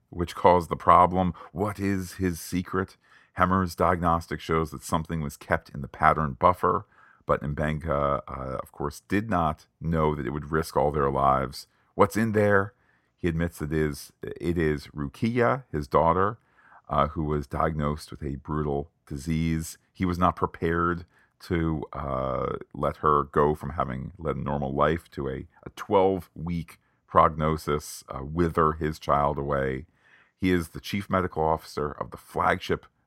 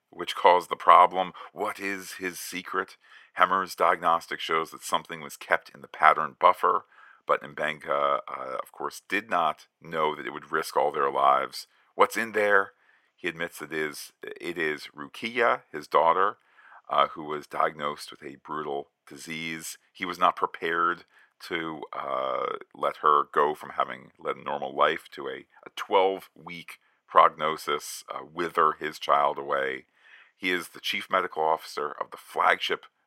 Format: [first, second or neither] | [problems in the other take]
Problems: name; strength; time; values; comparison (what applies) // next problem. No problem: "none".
first | thin; very; fading below 500 Hz